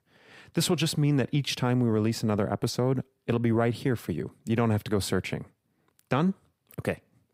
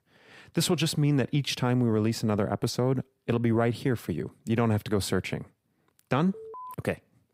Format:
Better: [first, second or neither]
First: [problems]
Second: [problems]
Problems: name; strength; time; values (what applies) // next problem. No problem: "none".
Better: first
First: none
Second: alarm; faint; at 6.5 s; peak 15 dB below the speech